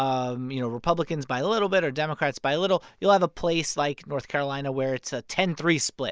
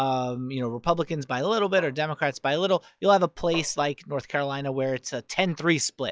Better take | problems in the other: first | noise reduction (classical method log-MMSE)

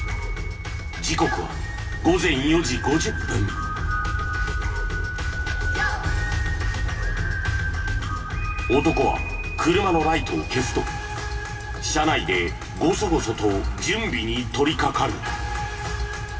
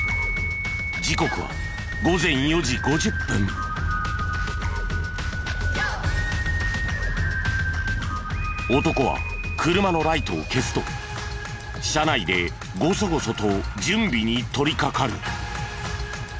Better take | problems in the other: second | room echo; dies away in 2.6 s

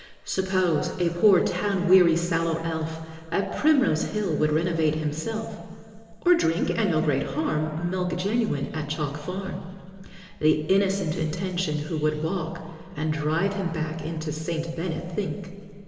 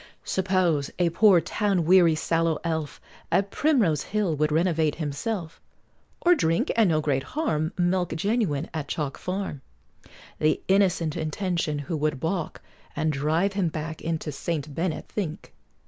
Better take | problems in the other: second | room echo; dies away in 2.5 s

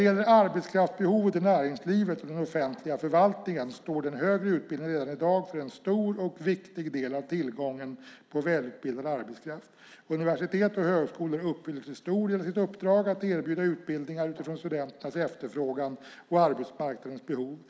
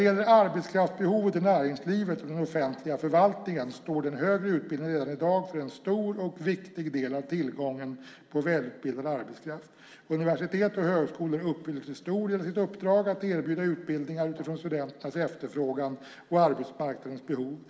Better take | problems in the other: first | room echo; dies away in 2 s

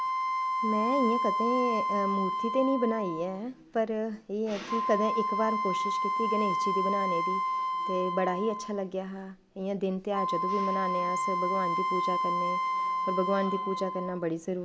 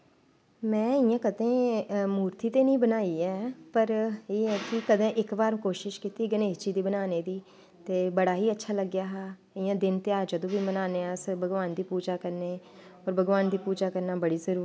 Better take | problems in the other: second | background sound (Wind instrument, woodwind instrument); 1 dB above the speech

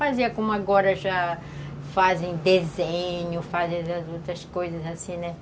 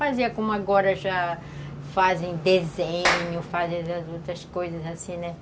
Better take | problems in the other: first | background sound (Clapping); 5 dB below the speech

